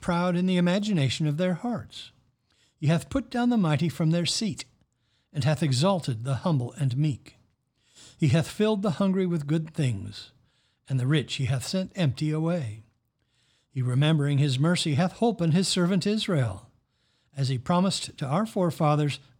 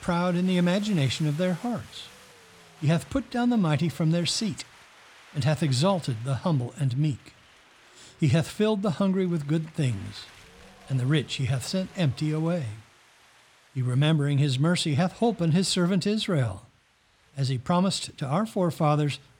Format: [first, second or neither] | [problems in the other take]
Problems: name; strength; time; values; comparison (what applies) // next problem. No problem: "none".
first | wind noise on the microphone; occasional gusts; 20 dB below the speech